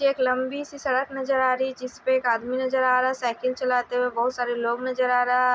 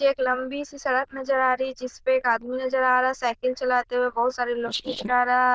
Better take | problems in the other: first | noise reduction (neural diffusion model UNIVERSE++)

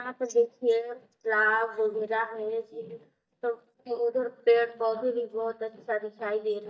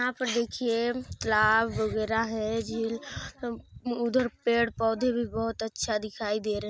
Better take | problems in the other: second | noise reduction (neural mask model DeepFilterNet 3)

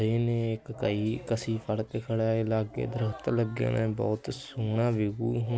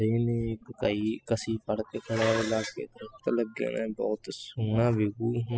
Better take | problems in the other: first | noise reduction (classical method spectral subtraction)

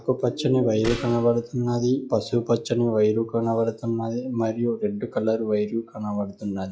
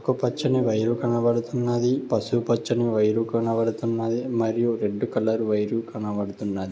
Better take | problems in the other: second | noise reduction (classical method log-MMSE)

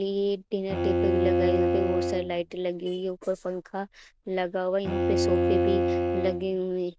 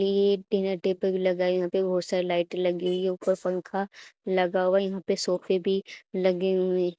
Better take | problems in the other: second | background sound (Bowed string instrument); 2 dB above the speech

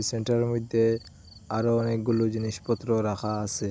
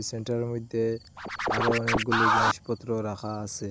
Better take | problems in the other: first | background sound (Scratching (performance technique)); 5 dB above the speech

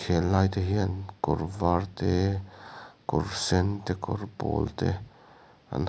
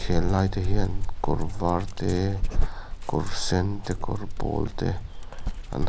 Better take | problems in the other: first | background sound (Dog); 2 dB above the speech

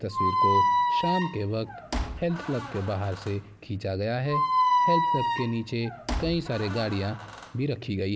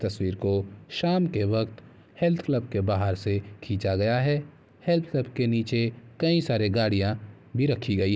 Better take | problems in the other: second | background sound (Squeak); 2 dB above the speech

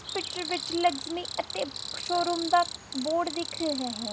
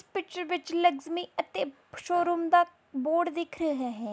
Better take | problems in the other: second | background sound (Cricket); 7 dB below the speech

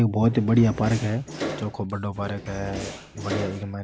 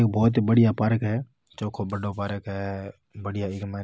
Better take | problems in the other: second | background sound (Door); 10 dB below the speech

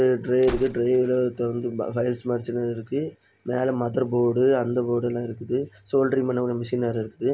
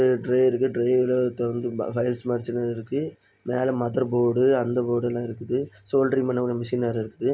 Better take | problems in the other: second | background sound (Gunshot, gunfire); 19 dB below the speech

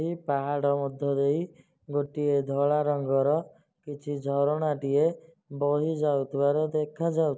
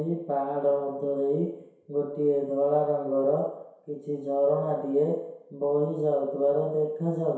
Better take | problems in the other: first | room echo; dies away in 0.7 s

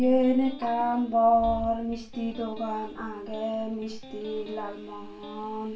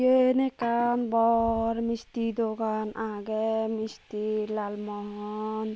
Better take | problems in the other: second | background sound (Electric guitar); 19 dB below the speech // room echo; dies away in 0.2 s

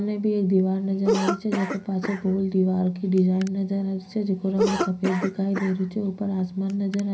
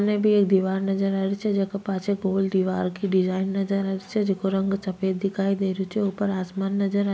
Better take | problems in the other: second | background sound (Cough); 8 dB below the speech // room echo; dies away in 0.4 s

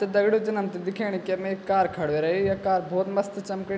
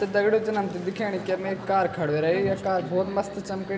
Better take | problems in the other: first | background sound (Boat, Water vehicle); 15 dB below the speech // room echo; dies away in 1.8 s

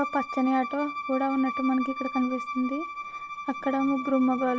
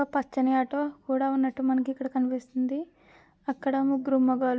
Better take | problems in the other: second | background sound (Bowed string instrument); 8 dB below the speech

